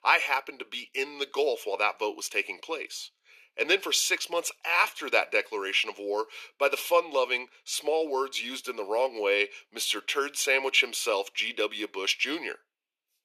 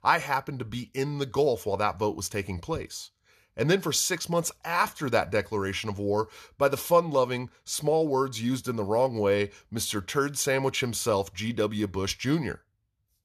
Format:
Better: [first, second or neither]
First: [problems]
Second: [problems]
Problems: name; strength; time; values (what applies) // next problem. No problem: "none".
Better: second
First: thin; very; fading below 350 Hz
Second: none